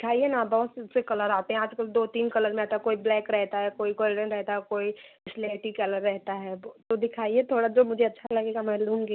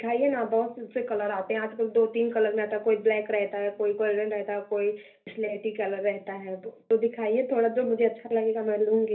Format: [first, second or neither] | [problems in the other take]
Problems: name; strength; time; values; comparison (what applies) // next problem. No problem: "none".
first | room echo; dies away in 0.3 s